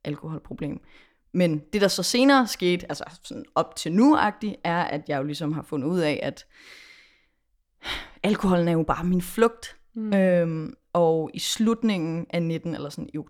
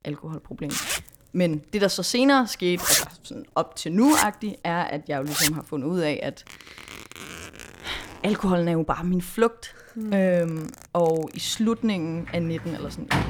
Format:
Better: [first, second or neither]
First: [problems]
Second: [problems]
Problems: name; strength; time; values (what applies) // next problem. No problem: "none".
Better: first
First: none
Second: household noises; loud; throughout; 2 dB below the speech